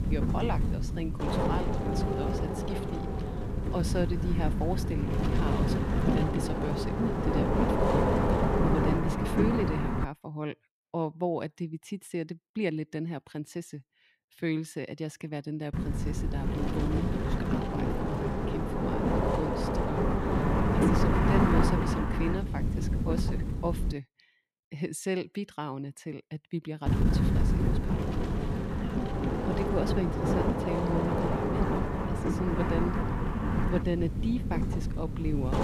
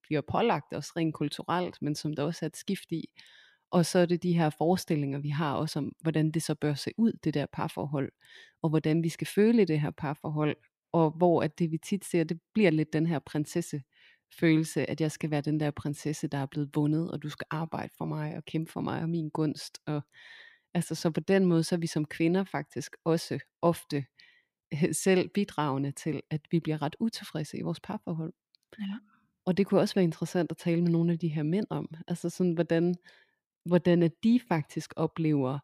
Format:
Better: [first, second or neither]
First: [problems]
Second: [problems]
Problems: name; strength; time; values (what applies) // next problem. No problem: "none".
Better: second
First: wind noise on the microphone; heavy; until 10 s, from 16 to 24 s and from 27 s on; 5 dB above the speech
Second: none